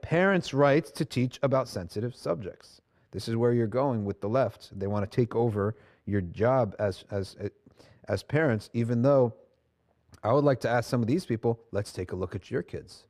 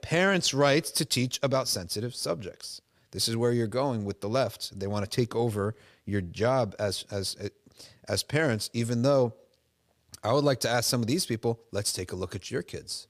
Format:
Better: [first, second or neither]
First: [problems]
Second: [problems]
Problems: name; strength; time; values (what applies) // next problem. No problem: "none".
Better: second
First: muffled; very; fading above 3 kHz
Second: none